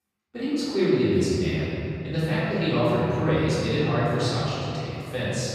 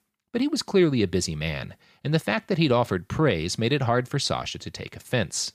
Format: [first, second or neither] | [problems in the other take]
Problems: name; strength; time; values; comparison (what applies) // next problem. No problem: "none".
second | off-mic speech; far // room echo; strong; dies away in 2.9 s